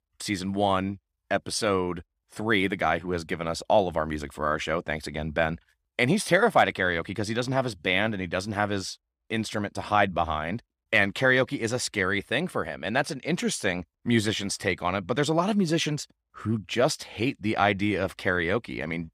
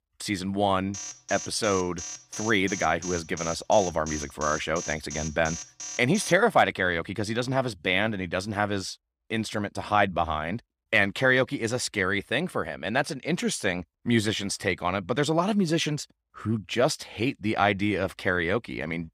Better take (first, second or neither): first